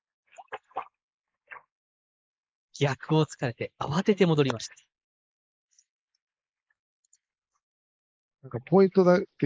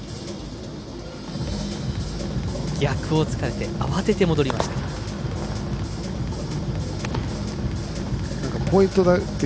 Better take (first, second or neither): second